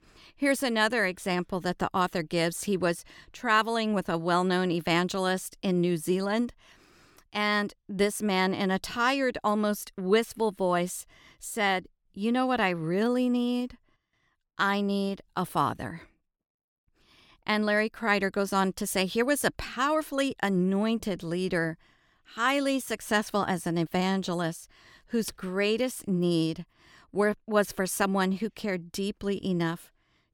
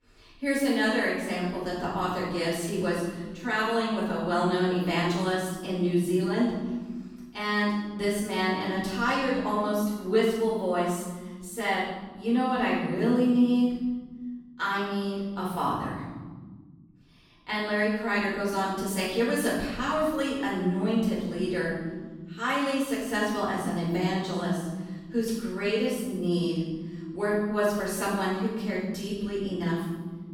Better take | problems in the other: first | off-mic speech; far // room echo; strong; dies away in 1.6 s

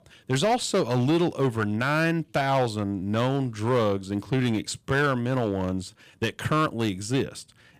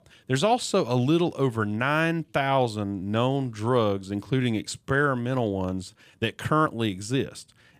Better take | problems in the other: second | distortion; slight; 6% of the sound clipped

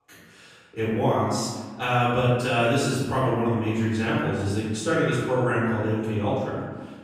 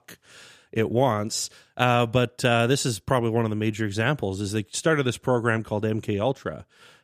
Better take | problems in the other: second | room echo; strong; dies away in 1.4 s // off-mic speech; far

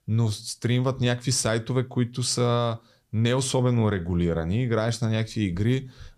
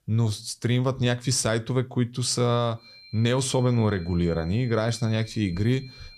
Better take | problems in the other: first | high-pitched whine; faint; from 3 s on; 4 kHz, 20 dB below the speech

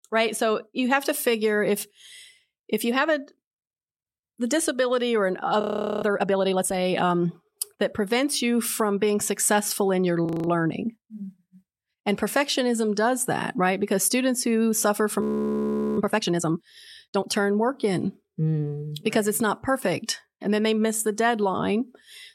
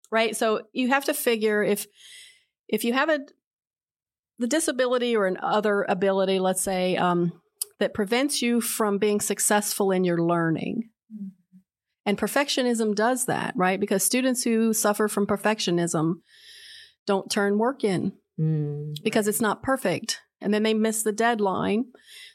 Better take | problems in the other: second | audio freezing; at 5.5 s, at 10 s and at 15 s for 1 s

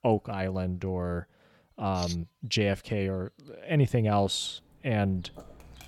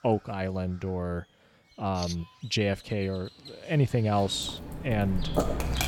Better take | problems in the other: first | animal sounds; loud; throughout; 6 dB below the speech; faint in the first

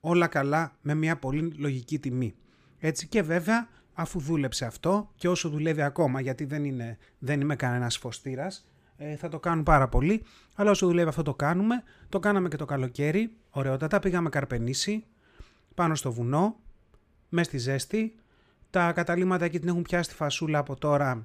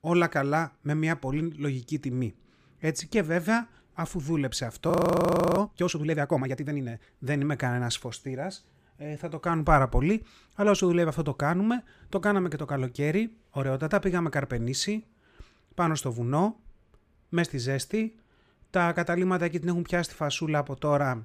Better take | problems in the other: first | audio freezing; at 5 s for 0.5 s

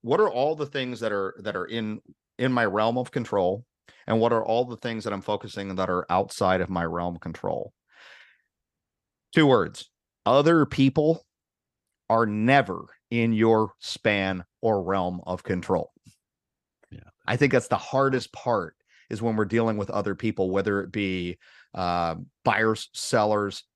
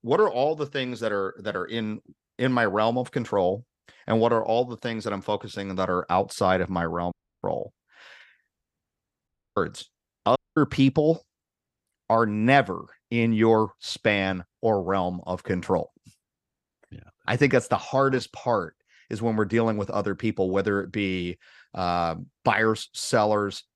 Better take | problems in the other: first | audio cutting out; at 7 s, at 9.5 s and at 10 s

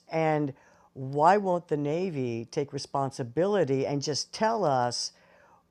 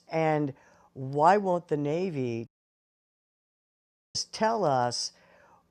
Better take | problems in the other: first | audio cutting out; at 2.5 s for 1.5 s

